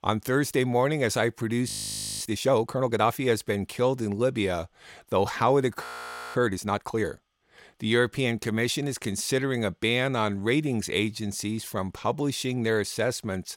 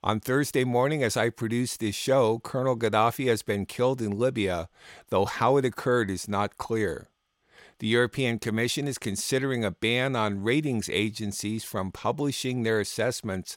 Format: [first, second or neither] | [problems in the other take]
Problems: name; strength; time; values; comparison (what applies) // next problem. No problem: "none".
second | audio freezing; at 1.5 s for 0.5 s and at 6 s for 0.5 s